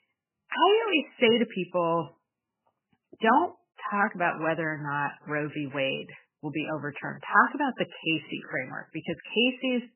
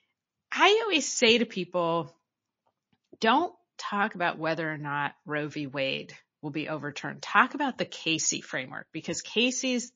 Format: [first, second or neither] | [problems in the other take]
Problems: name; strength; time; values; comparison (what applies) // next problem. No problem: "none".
second | garbled, watery; badly; nothing above 3 kHz; slightly in the second